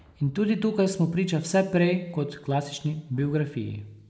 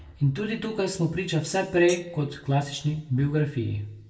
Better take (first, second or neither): first